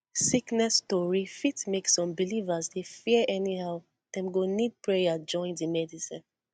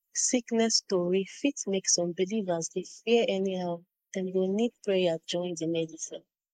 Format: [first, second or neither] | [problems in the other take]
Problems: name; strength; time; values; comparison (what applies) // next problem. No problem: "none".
first | noise reduction (neural mask model Resemble Enhance denoiser)